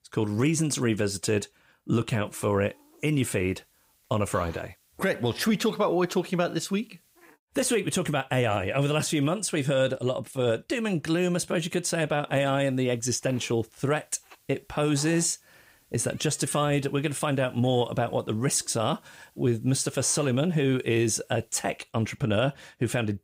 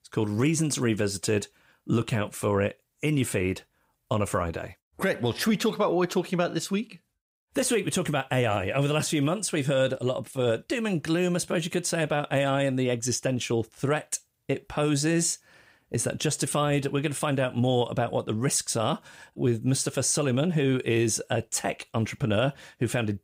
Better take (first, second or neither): second